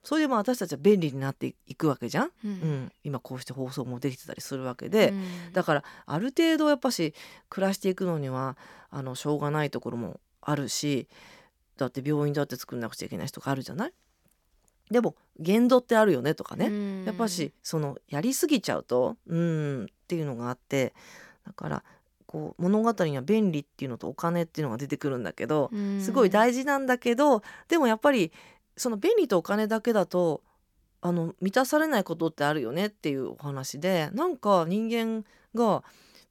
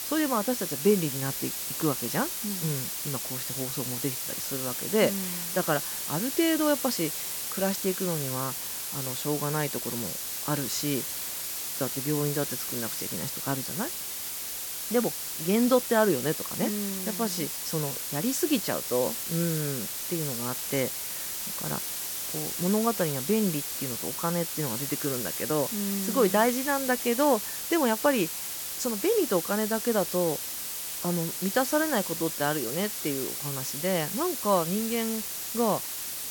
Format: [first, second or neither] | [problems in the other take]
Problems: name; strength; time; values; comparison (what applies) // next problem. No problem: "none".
first | hiss; loud; throughout; 2 dB below the speech